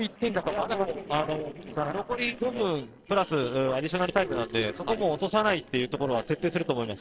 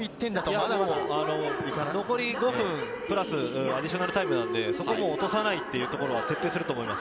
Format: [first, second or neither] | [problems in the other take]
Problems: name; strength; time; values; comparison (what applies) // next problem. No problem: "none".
second | noise reduction (neural separator model SepFormer DNS4)